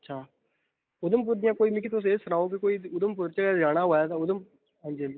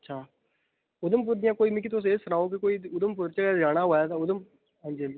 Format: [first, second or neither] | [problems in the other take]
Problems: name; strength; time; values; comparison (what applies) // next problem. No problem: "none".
second | noise reduction (neural mask model Resemble Enhance denoiser)